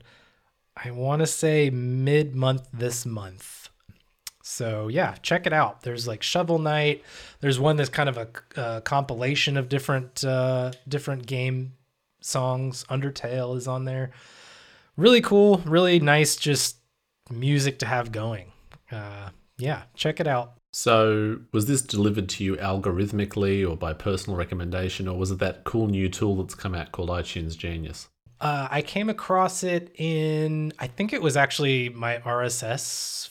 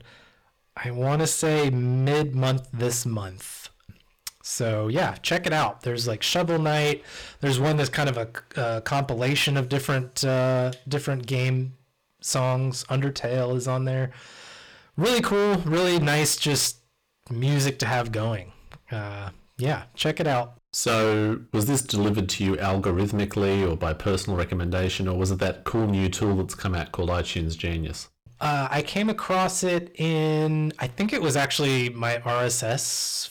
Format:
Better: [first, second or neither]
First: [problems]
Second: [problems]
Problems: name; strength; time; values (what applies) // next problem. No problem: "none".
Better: first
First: none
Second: distortion; heavy; 15% of the sound clipped